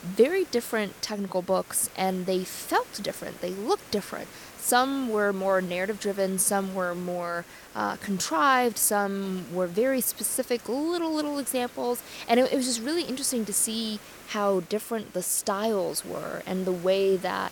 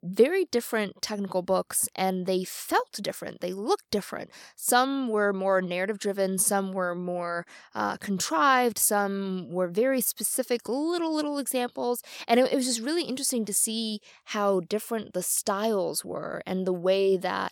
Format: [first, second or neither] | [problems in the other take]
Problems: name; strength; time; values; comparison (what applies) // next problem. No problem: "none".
second | hiss; noticeable; throughout; 20 dB below the speech